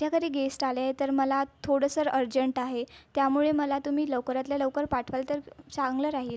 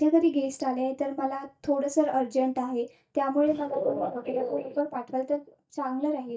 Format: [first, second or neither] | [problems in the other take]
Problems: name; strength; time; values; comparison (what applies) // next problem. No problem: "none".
first | noise reduction (neural mask model DeepFilterNet 3)